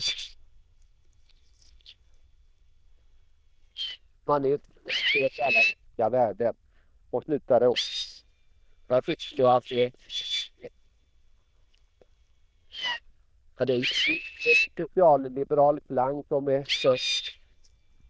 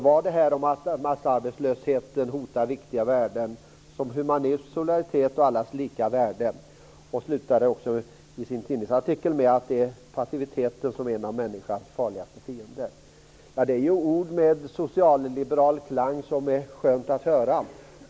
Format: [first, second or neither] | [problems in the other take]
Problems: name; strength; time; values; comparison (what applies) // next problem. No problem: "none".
second | noise reduction (neural diffusion model UNIVERSE++)